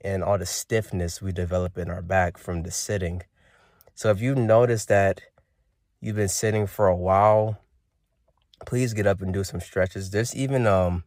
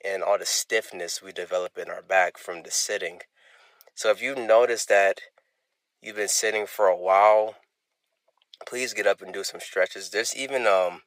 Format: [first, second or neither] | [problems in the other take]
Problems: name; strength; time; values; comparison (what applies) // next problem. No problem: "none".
first | thin; very; fading below 450 Hz